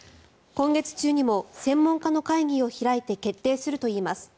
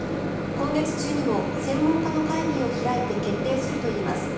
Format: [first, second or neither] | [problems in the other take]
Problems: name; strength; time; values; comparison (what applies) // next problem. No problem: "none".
first | background sound (Microwave oven); 1 dB below the speech // room echo; dies away in 0.7 s